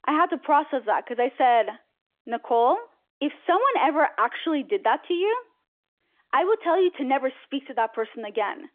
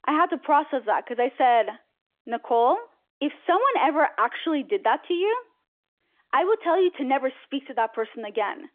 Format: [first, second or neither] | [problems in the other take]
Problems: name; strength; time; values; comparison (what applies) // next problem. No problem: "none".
neither | phone-call audio; nothing above 3.5 kHz; the same in both